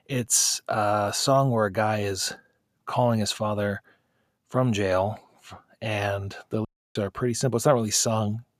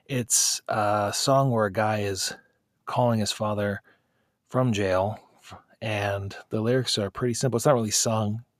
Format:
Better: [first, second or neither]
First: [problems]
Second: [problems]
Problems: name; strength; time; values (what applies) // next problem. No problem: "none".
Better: second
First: audio cutting out; at 6.5 s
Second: none